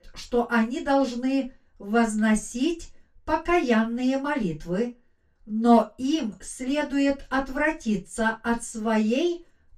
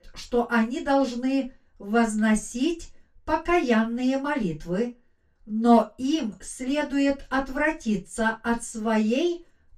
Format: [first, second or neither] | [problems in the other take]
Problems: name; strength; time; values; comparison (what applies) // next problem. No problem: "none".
neither | room echo; slight; dies away in 0.2 s; the same in both // off-mic speech; far; the same in both